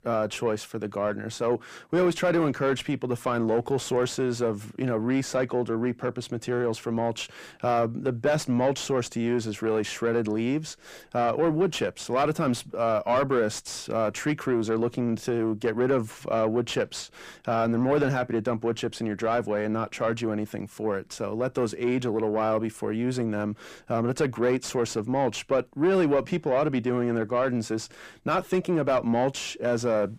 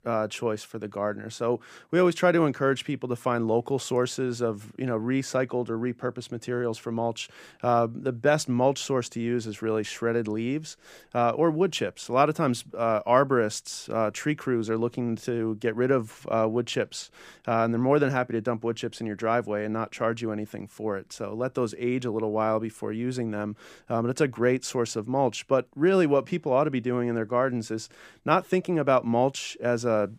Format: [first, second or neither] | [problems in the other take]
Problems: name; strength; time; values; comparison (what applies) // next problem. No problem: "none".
second | distortion; slight; 10 dB below the speech